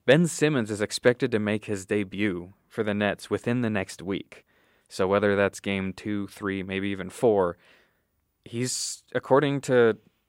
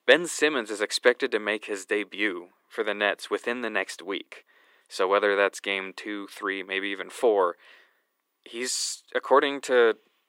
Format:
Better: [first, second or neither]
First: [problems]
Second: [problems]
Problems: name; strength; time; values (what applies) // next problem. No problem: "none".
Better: first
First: none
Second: thin; somewhat; fading below 300 Hz